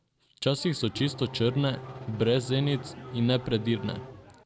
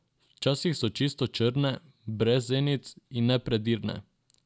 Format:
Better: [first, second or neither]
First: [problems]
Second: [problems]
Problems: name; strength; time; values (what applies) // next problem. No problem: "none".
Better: second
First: background sound (Race car, auto racing / Engine starting); 13 dB below the speech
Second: none